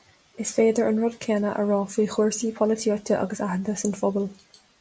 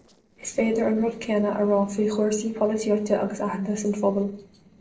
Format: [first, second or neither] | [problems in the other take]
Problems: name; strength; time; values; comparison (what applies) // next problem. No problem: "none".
first | noise reduction (neural separator model SepFormer DNS4)